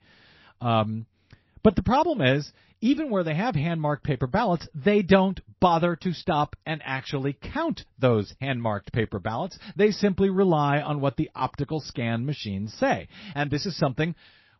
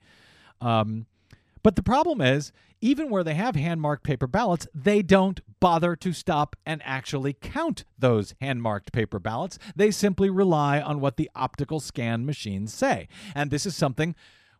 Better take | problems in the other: second | garbled, watery; slightly; nothing above 5.5 kHz

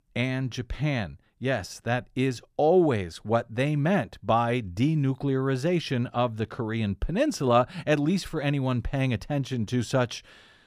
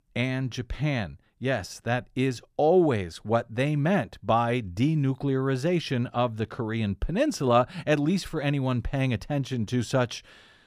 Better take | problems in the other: neither | none

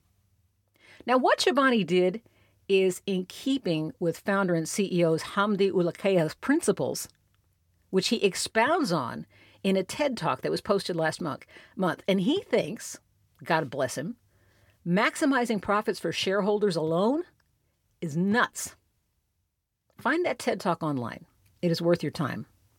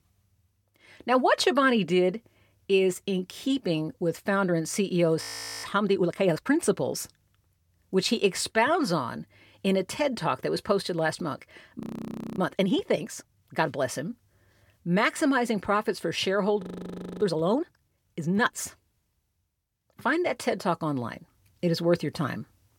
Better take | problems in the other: first | audio freezing; at 5 s, at 12 s for 0.5 s and at 17 s for 0.5 s

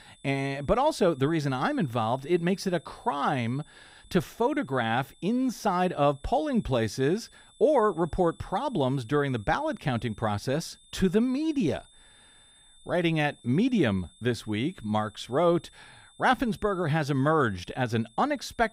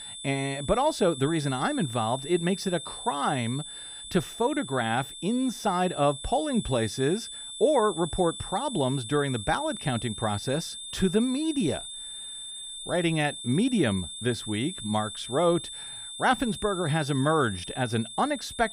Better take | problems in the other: first | high-pitched whine; loud; throughout; 3.5 kHz, 9 dB below the speech; faint in the first

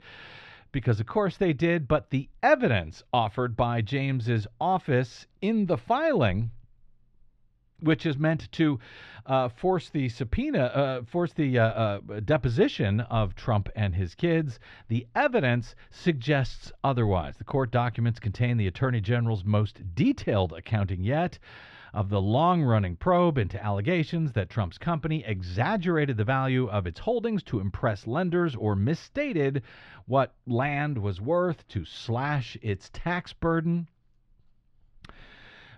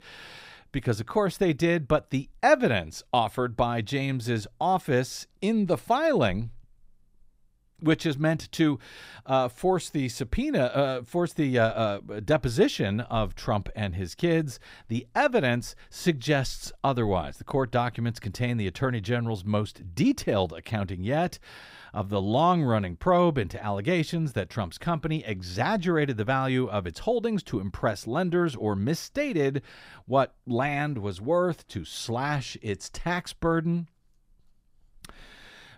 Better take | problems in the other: second | muffled; very slightly; fading above 3 kHz

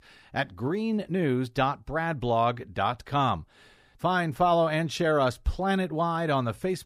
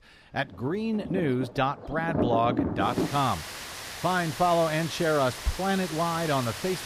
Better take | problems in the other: first | rain or running water; loud; throughout; 6 dB below the speech

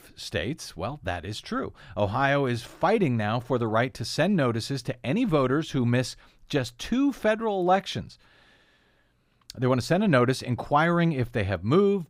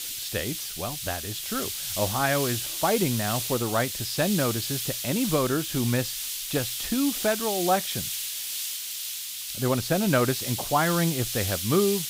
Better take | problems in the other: first | hiss; loud; throughout; 2 dB below the speech

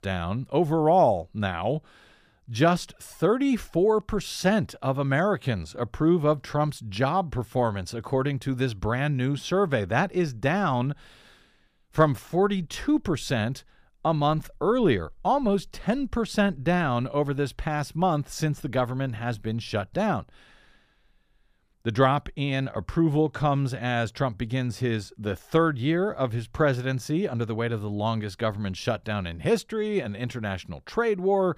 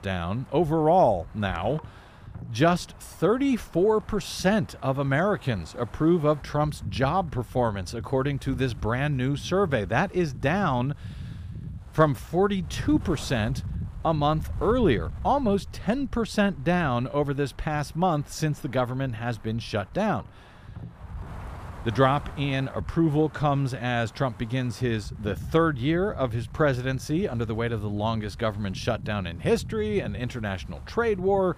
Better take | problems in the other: first | wind noise on the microphone; occasional gusts; 20 dB below the speech

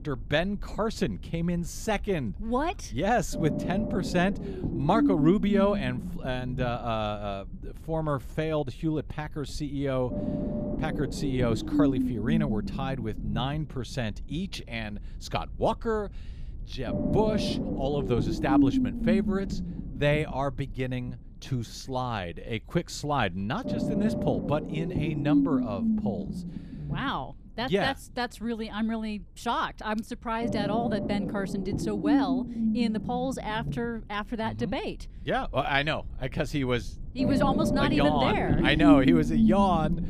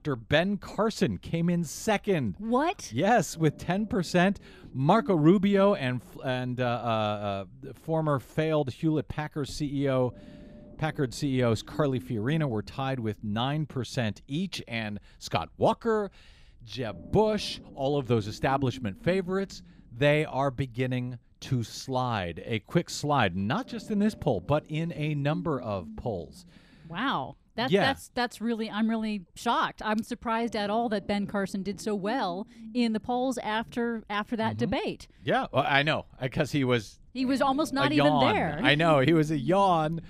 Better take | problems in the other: second | low rumble; loud; throughout; 3 dB below the speech; faint in the second

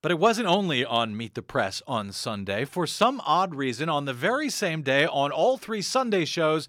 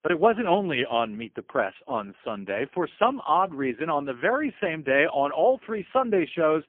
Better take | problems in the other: first | phone-call audio; poor line; nothing above 3.5 kHz

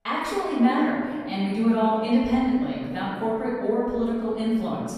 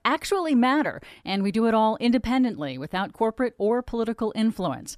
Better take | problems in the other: second | room echo; strong; dies away in 1.6 s // off-mic speech; far

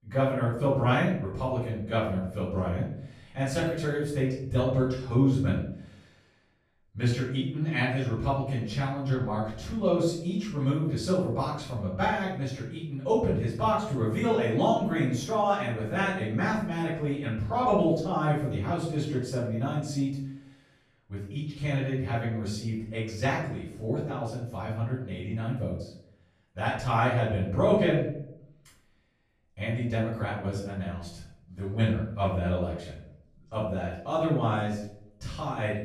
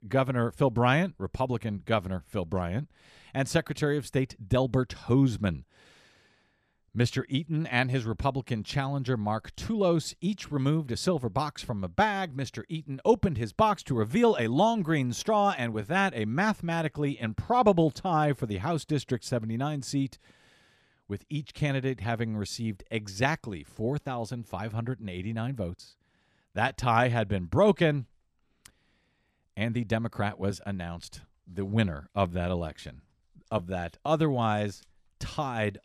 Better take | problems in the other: second | room echo; noticeable; dies away in 0.6 s // off-mic speech; far

